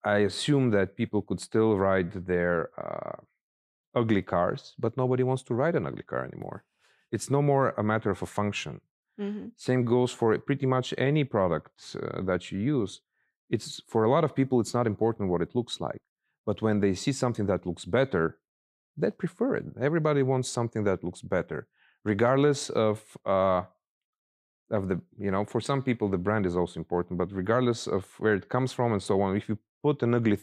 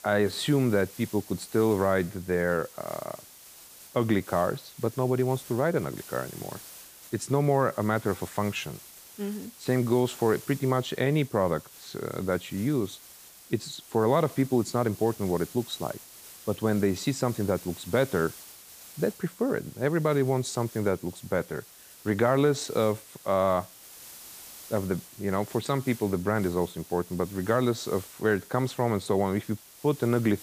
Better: first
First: none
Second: hiss; noticeable; throughout; 15 dB below the speech

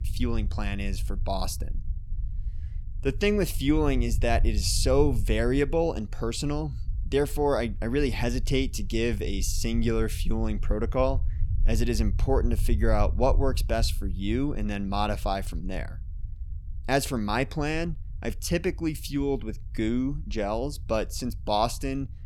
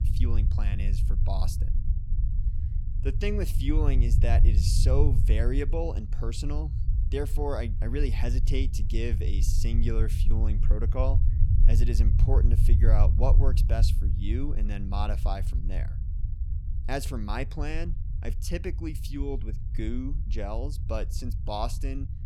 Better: first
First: low rumble; faint; throughout; 25 dB below the speech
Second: low rumble; loud; throughout; 9 dB below the speech

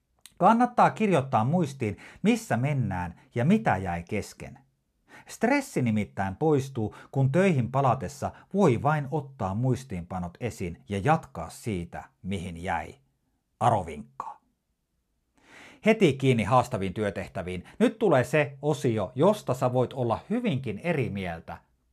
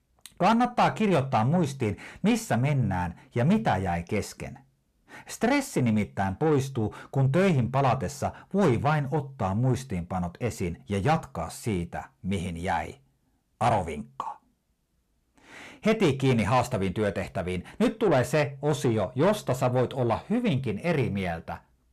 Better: first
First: none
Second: distortion; slight; 10 dB below the speech

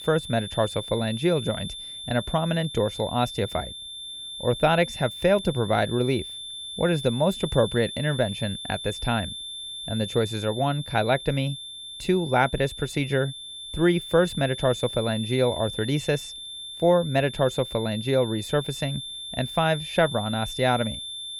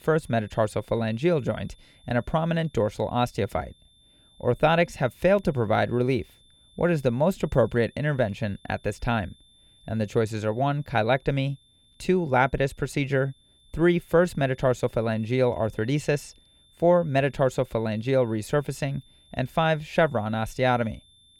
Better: second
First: high-pitched whine; loud; throughout; 3.5 kHz, 9 dB below the speech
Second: high-pitched whine; faint; throughout; 3.5 kHz, 30 dB below the speech

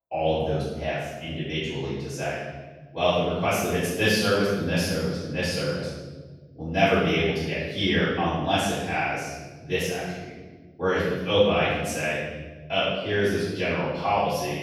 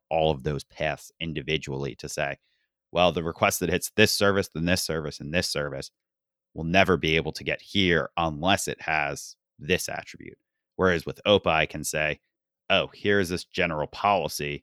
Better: second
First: off-mic speech; far // room echo; strong; dies away in 1.3 s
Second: none

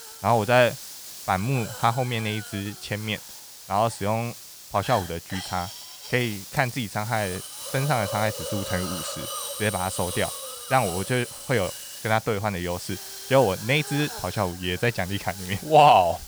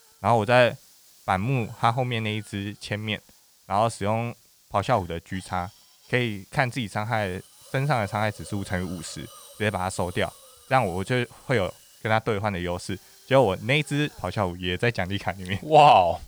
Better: second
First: hiss; loud; throughout; 10 dB below the speech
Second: hiss; faint; throughout; 25 dB below the speech

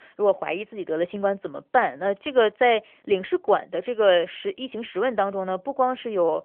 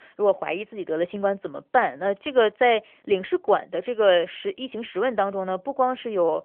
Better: neither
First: phone-call audio; nothing above 3.5 kHz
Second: phone-call audio; nothing above 3.5 kHz

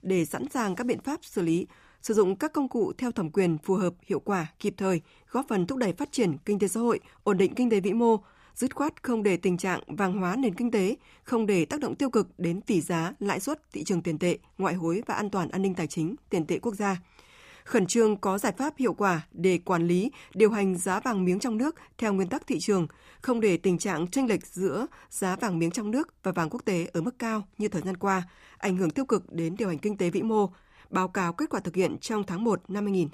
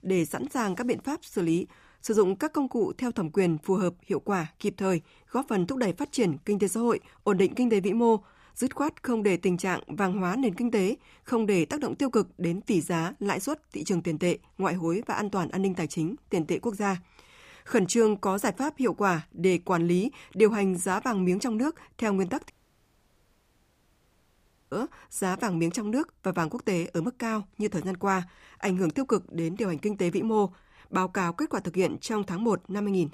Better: first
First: none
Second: audio cutting out; at 23 s for 2 s

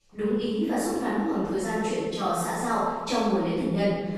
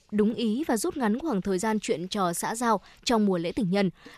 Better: second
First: off-mic speech; far // room echo; strong; dies away in 1.4 s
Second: none

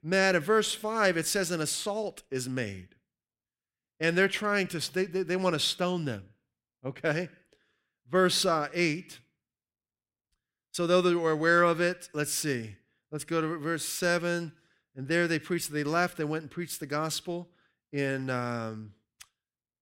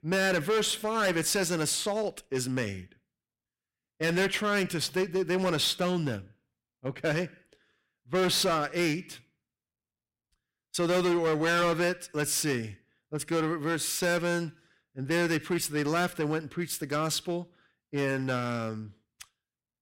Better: first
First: none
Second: distortion; heavy; 9% of the sound clipped

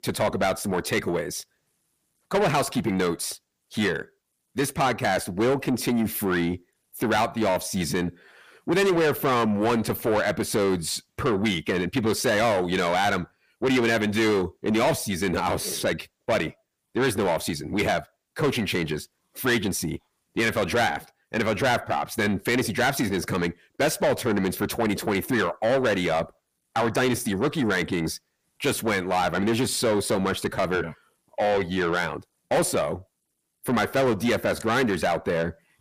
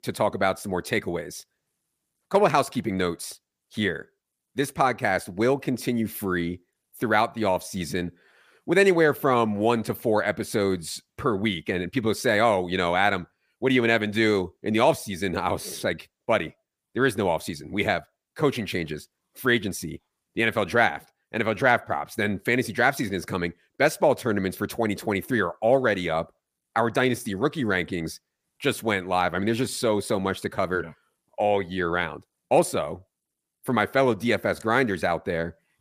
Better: second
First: distortion; heavy; 7 dB below the speech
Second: none

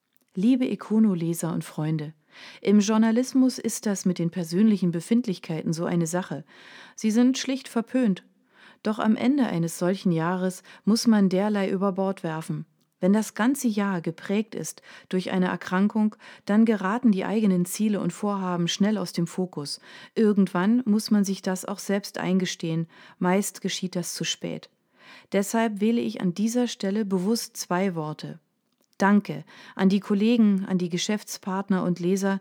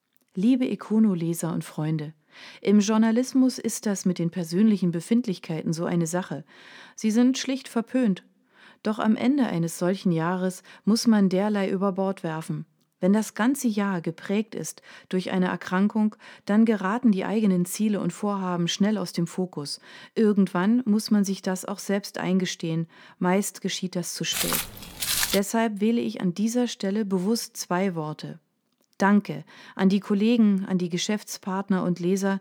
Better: first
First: none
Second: footsteps; loud; from 24 to 25 s; peak 2 dB above the speech

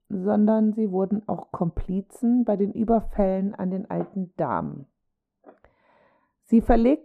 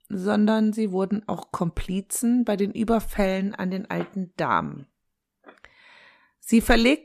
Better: second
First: muffled; very; fading above 1.5 kHz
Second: none

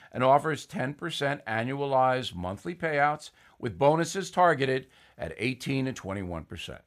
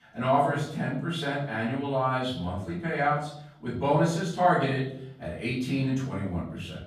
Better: first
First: none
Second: room echo; noticeable; dies away in 0.7 s // off-mic speech; far

